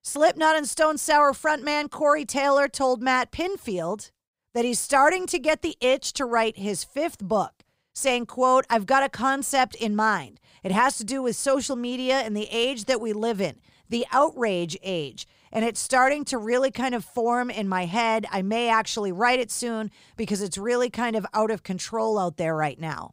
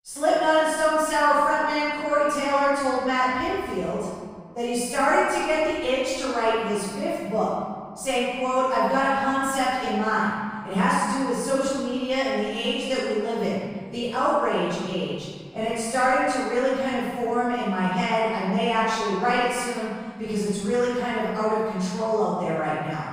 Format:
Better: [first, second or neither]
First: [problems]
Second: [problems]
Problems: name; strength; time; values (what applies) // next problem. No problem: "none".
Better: first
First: none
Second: off-mic speech; far // room echo; strong; dies away in 1.8 s